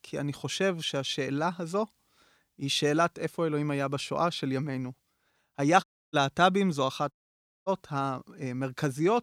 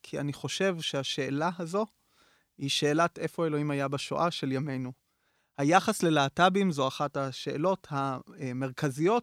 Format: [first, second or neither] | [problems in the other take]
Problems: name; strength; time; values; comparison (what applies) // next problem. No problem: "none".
second | audio cutting out; at 6 s and at 7 s for 0.5 s